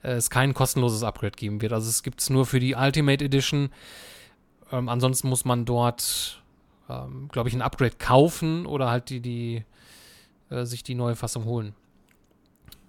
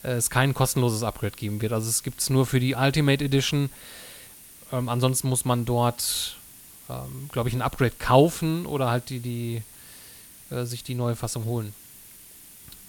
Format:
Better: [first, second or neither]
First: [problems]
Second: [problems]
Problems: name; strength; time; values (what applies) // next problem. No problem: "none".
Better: first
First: none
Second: hiss; noticeable; throughout; 20 dB below the speech